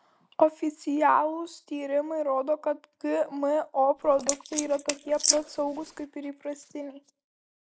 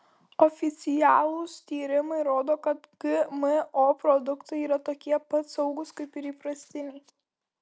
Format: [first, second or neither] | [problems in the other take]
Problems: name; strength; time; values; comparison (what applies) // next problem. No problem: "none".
second | noise reduction (neural mask model Resemble Enhance denoiser)